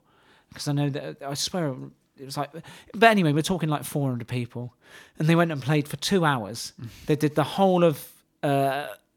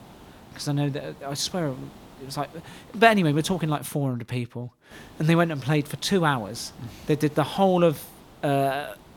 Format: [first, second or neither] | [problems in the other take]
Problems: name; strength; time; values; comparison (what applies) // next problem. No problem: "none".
first | hiss; faint; until 4 s and from 5 s on; 25 dB below the speech